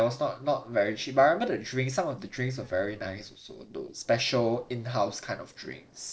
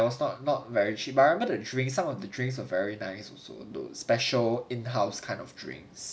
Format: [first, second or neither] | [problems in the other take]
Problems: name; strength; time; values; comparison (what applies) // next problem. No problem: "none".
second | noise reduction (neural separator model SepFormer DNS4)